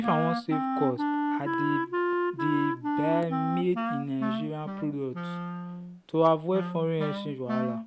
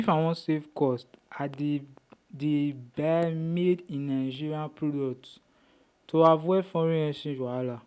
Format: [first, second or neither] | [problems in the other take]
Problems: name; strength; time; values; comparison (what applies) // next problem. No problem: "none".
second | background sound (Wind instrument, woodwind instrument); 1 dB below the speech